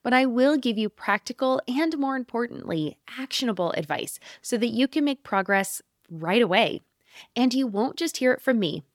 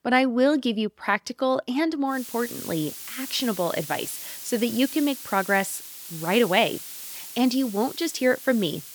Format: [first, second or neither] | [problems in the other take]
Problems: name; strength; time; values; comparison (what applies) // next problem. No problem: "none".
first | hiss; noticeable; from 2 s on; 10 dB below the speech